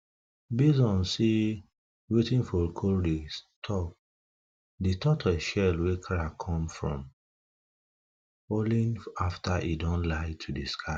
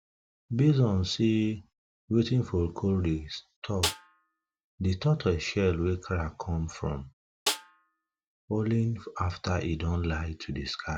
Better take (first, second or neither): first